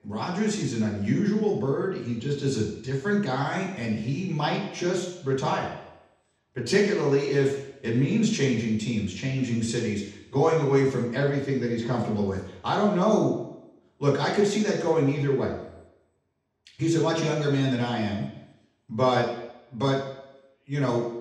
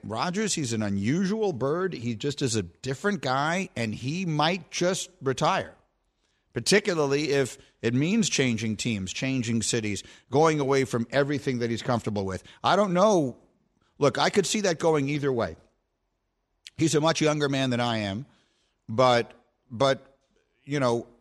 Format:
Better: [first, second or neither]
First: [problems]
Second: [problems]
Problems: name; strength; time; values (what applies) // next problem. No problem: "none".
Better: second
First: room echo; noticeable; dies away in 0.8 s // off-mic speech; far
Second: none